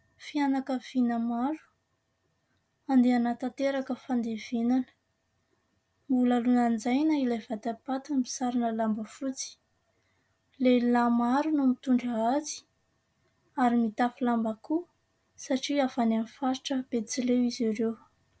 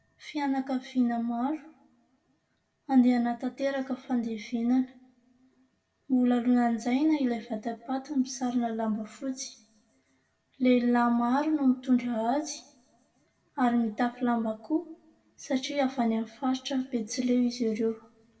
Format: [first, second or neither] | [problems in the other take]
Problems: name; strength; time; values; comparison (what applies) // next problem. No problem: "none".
first | room echo; dies away in 0.5 s